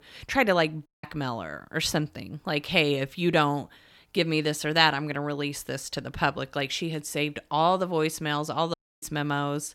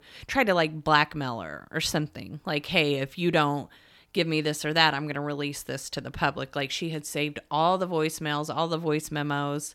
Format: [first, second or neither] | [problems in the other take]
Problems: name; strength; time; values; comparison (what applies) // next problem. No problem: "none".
second | audio cutting out; at 1 s and at 8.5 s